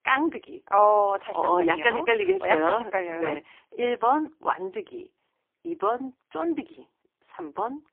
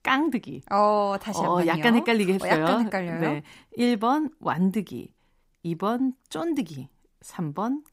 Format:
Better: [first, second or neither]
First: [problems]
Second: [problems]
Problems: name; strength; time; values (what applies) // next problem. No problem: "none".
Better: second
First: phone-call audio; poor line; nothing above 3 kHz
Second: none